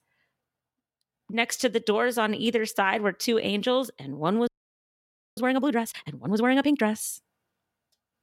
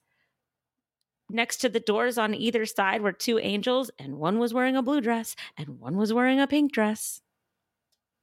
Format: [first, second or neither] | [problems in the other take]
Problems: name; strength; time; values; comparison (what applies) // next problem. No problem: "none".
second | audio freezing; at 4.5 s for 1 s